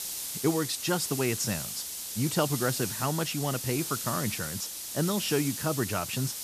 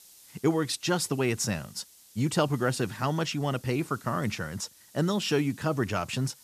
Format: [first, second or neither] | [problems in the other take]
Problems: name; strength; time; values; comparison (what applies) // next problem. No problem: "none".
second | hiss; loud; throughout; 3 dB below the speech; faint in the second